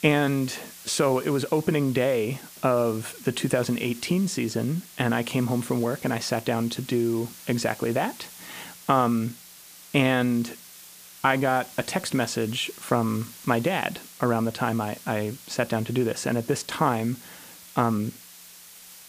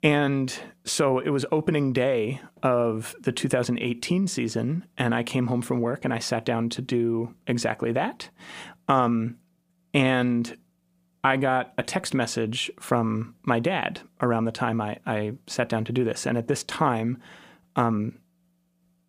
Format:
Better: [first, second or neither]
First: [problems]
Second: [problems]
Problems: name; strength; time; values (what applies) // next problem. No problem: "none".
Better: second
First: hiss; noticeable; throughout; 15 dB below the speech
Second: none